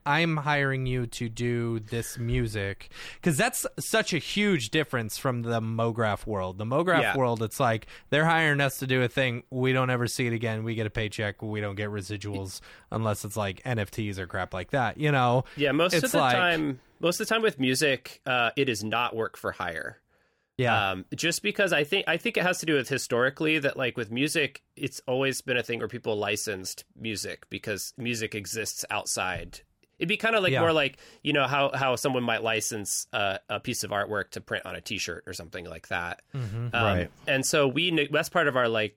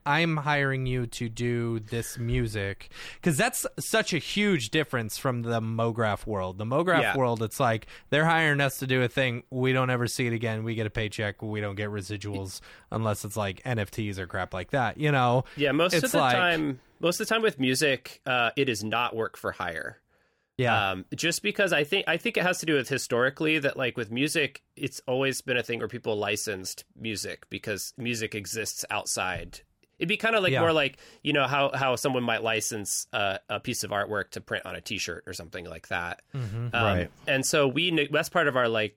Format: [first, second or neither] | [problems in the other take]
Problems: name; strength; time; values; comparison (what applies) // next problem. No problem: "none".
neither | none